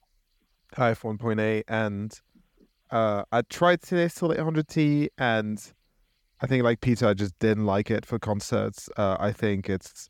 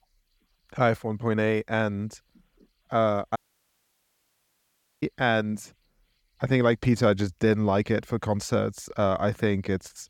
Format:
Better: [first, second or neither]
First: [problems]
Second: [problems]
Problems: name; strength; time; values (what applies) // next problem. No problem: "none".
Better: first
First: none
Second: audio cutting out; at 3.5 s for 1.5 s